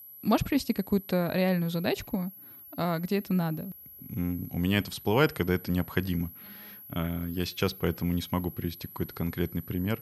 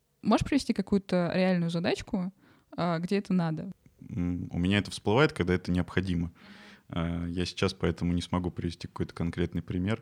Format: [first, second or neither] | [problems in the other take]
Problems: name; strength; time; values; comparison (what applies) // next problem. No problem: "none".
second | high-pitched whine; noticeable; throughout; 11.5 kHz, 15 dB below the speech